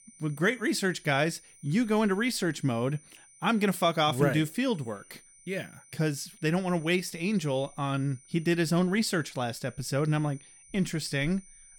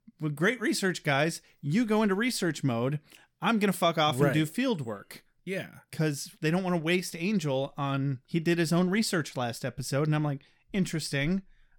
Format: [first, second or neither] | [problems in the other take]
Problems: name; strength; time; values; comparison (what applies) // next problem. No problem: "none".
second | high-pitched whine; faint; throughout; 9 kHz, 25 dB below the speech